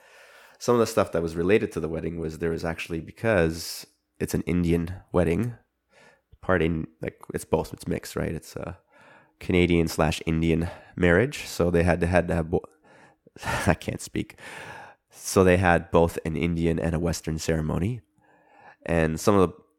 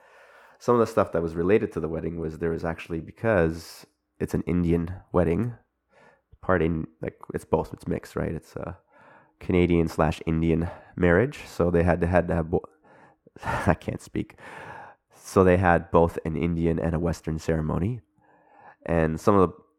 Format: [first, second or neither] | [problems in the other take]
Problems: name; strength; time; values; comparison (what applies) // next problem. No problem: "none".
first | muffled; slightly; fading above 2 kHz